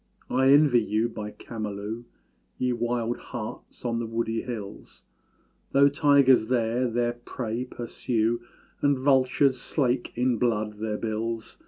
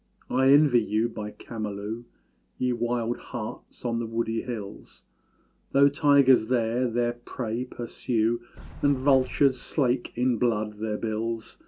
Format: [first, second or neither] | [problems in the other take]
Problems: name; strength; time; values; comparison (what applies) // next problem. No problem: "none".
first | background sound (Sliding door); 14 dB below the speech